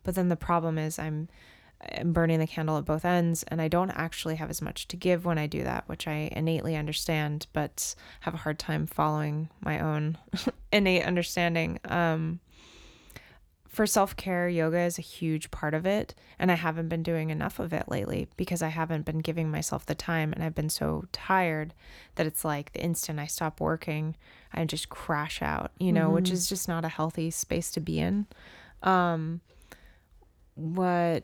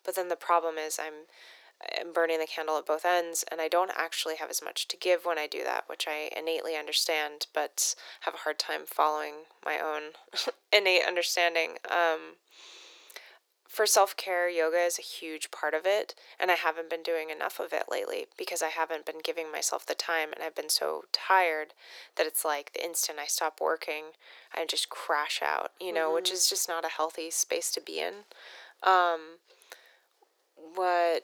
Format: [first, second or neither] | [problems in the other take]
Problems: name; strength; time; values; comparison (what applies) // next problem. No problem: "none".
first | thin; very; fading below 400 Hz